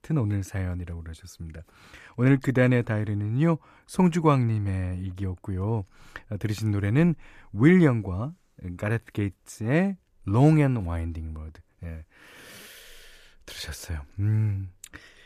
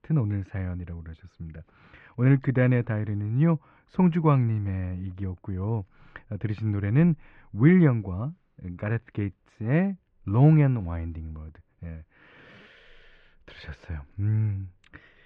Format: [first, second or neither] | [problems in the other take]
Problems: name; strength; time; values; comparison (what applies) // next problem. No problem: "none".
first | muffled; very; fading above 3 kHz